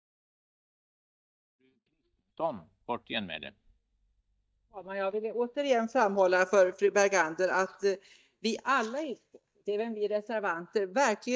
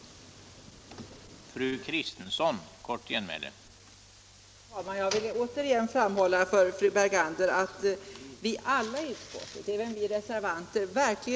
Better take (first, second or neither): second